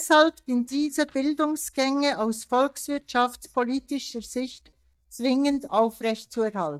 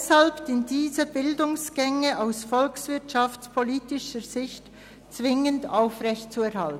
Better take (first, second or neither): second